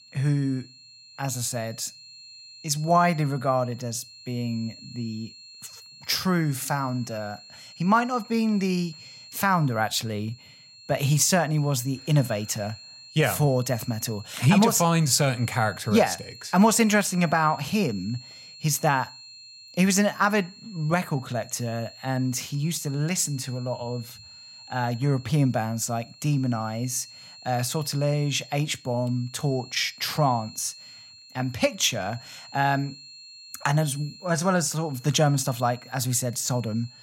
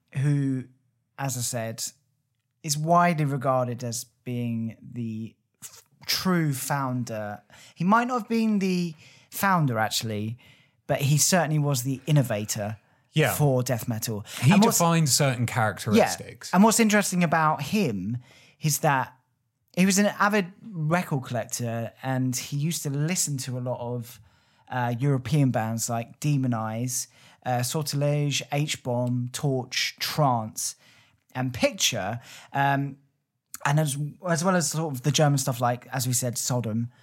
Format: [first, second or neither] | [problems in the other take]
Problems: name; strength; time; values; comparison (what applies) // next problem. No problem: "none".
second | high-pitched whine; noticeable; throughout; 4 kHz, 20 dB below the speech